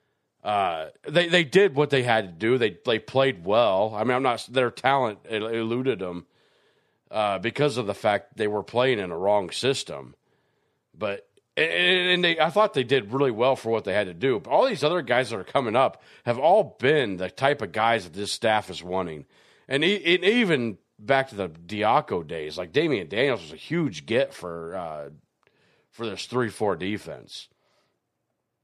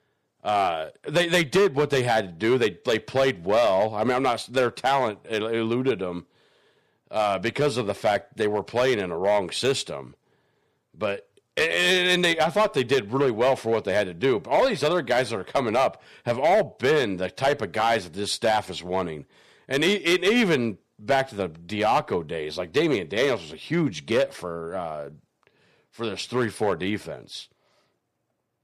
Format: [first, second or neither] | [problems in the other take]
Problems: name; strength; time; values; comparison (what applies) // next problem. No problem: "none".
first | distortion; slight; 4% of the sound clipped